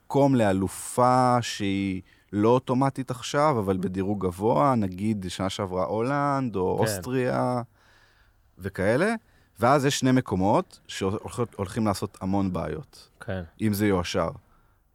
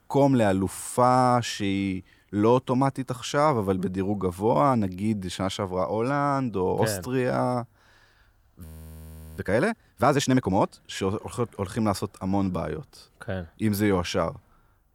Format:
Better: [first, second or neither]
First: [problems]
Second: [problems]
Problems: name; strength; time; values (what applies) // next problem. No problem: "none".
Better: first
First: none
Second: audio freezing; at 8.5 s for 0.5 s